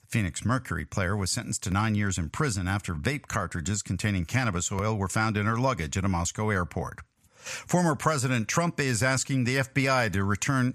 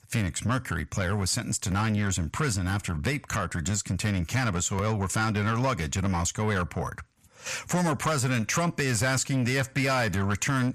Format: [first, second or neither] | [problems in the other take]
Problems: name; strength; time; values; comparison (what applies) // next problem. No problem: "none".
first | distortion; slight; 10 dB below the speech